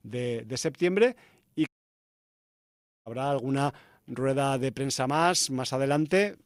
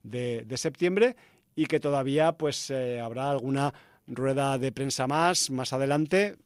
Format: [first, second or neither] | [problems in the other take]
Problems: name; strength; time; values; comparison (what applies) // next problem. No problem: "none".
second | audio cutting out; at 1.5 s for 1.5 s